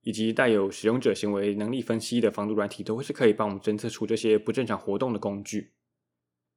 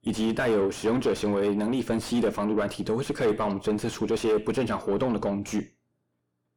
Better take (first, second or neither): first